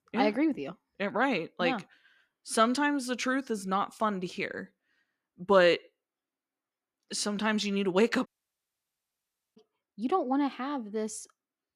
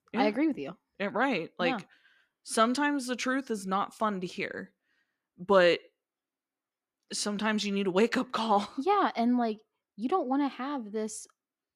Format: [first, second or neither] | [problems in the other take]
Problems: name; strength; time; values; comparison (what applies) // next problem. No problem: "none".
second | audio cutting out; at 8.5 s for 1.5 s